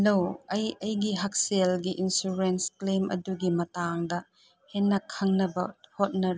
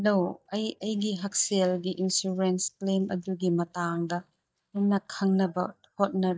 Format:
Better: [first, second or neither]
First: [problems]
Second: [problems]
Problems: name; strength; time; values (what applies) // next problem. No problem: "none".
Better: first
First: none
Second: noise reduction (neural mask model DeepFilterNet 3)